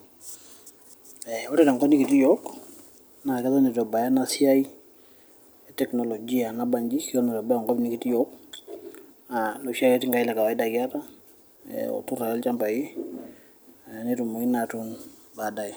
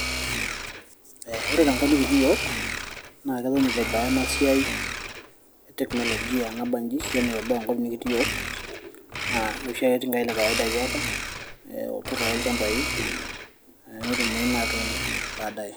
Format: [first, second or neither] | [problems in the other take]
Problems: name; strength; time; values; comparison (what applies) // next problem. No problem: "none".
first | background sound (Domestic sounds, home sounds); 3 dB below the speech